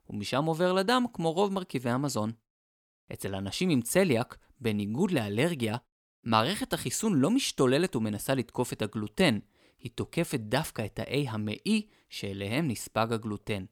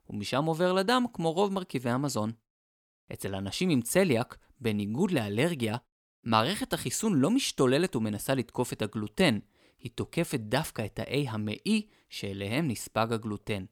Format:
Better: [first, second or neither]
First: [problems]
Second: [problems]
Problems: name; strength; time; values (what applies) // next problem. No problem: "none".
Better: neither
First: none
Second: none